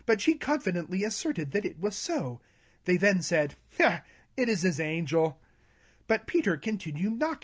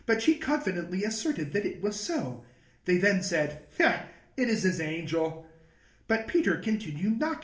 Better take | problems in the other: first | room echo; dies away in 0.5 s

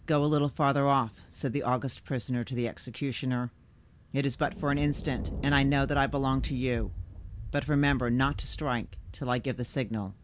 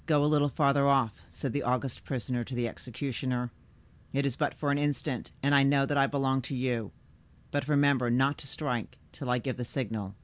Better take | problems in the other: second | background sound (Thunder); 11 dB below the speech

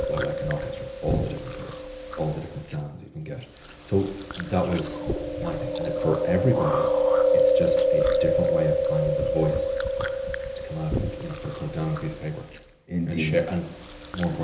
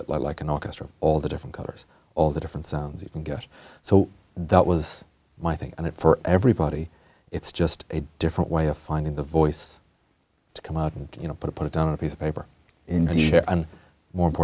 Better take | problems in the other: second | background sound (Chewing, mastication); 3 dB above the speech // room echo; dies away in 1.4 s

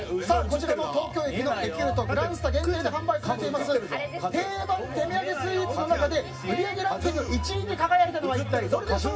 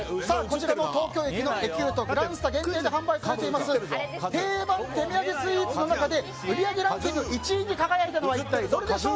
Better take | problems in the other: second | room echo; dies away in 0.4 s

